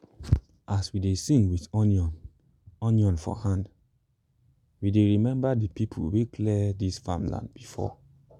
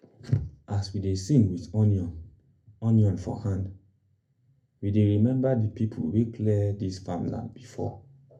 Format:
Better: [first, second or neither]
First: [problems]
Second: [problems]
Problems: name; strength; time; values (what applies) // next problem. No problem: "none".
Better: first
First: none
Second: room echo; dies away in 0.3 s